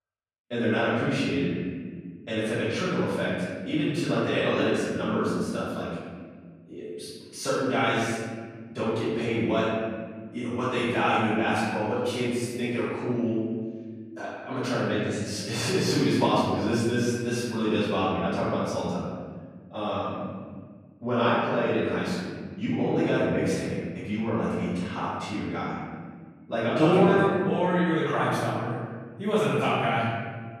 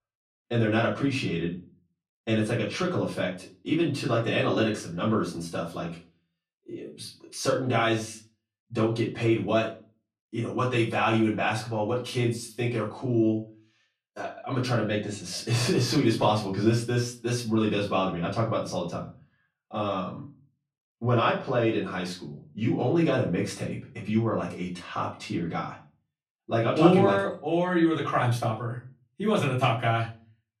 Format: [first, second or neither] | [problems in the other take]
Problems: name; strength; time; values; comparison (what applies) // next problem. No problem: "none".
second | room echo; strong; dies away in 1.7 s; slight in the second // off-mic speech; far; far in the second